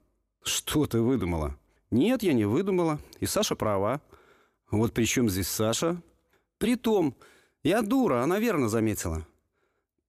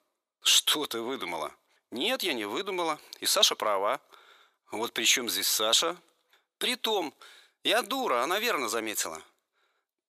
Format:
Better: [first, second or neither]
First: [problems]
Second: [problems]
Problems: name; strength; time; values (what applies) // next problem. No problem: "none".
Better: first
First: none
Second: thin; very; fading below 700 Hz